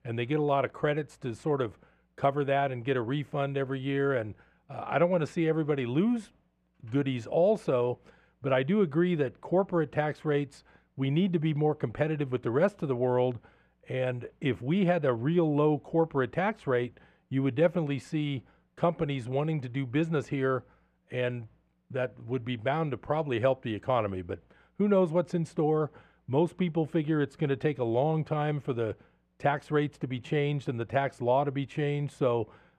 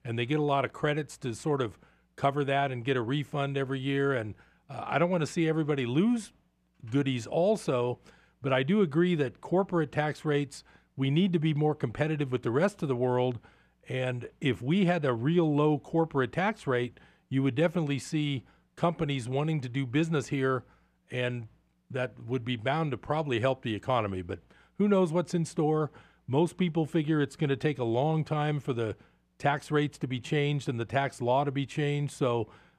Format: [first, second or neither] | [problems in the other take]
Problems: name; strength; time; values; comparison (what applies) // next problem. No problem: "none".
second | muffled; slightly; fading above 3.5 kHz